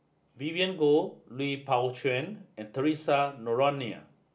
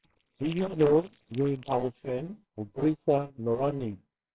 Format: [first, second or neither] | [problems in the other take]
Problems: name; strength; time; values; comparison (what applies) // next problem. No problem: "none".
first | noise reduction (neural separator model SepFormer WHAMR!)